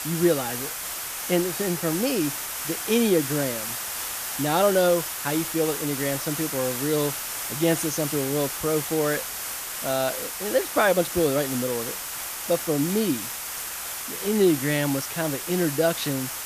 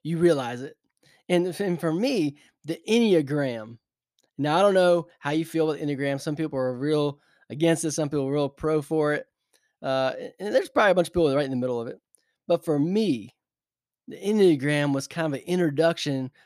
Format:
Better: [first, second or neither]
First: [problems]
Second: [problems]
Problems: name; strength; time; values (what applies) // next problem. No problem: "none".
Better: second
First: hiss; loud; throughout; 4 dB below the speech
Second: none